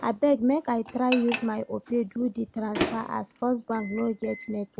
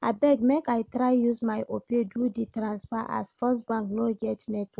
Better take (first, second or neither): second